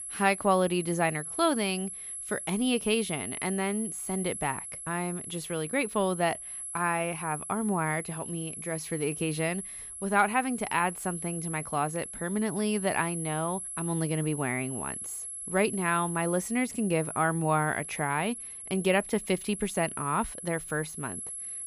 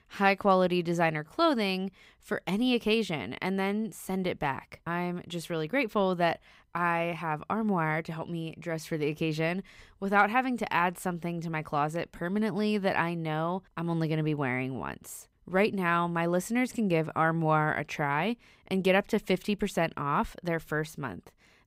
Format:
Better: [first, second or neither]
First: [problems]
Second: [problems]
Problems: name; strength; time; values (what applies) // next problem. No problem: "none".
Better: second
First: high-pitched whine; loud; throughout; 11 kHz, 7 dB below the speech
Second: none